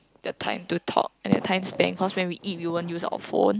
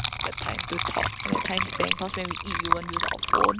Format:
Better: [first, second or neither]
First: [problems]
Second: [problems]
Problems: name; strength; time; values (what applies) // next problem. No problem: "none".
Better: first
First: none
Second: background sound (Water / Liquid); 4 dB above the speech